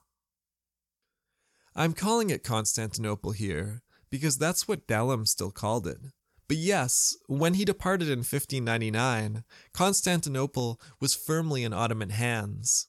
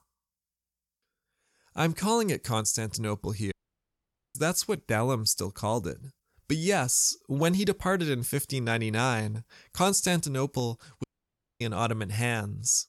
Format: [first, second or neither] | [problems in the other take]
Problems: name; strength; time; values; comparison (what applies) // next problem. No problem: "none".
first | audio cutting out; at 3.5 s for 1 s and at 11 s for 0.5 s